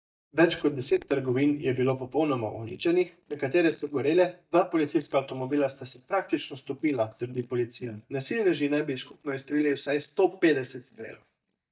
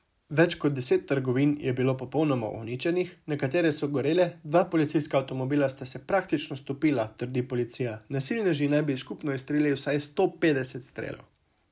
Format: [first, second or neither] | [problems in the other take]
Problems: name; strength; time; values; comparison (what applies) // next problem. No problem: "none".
second | noise reduction (neural mask model DeepFilterNet 3)